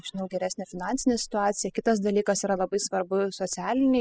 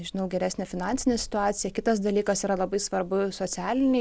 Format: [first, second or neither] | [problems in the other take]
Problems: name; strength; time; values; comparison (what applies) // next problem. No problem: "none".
second | noise reduction (classical method spectral subtraction)